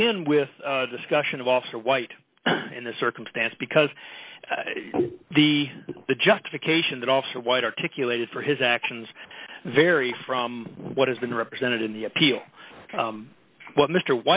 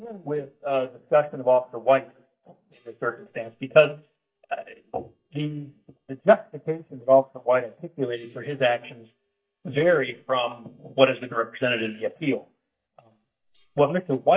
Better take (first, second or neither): first